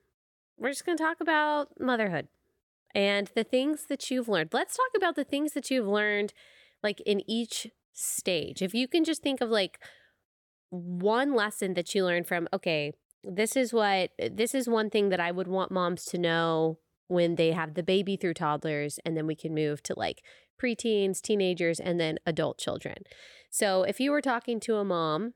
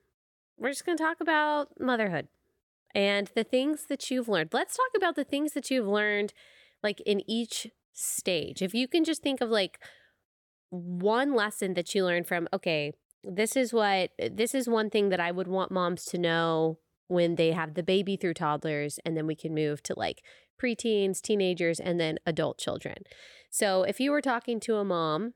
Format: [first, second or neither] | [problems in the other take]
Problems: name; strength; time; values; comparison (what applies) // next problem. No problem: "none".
neither | none